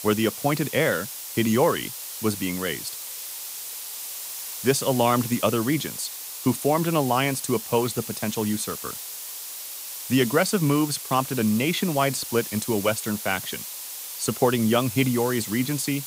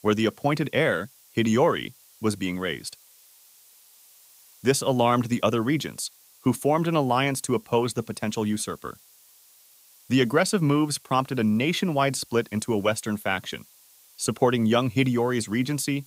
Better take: second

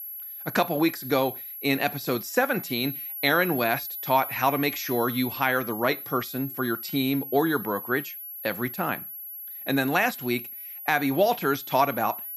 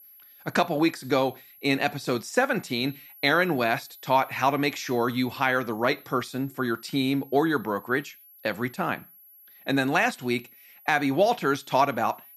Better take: second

